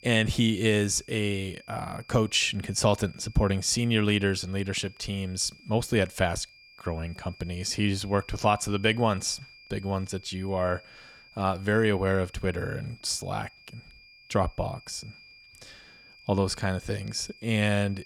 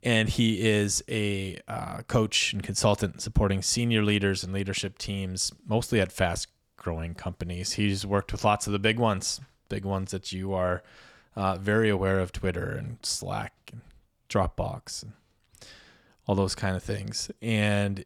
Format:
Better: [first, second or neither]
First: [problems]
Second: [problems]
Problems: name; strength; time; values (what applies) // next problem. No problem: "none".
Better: second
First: high-pitched whine; faint; throughout; 2.5 kHz, 25 dB below the speech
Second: none